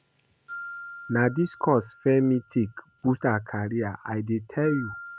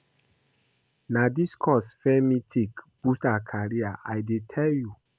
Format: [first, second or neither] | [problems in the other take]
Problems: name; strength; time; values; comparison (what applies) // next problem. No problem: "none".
second | background sound (Glockenspiel); 17 dB below the speech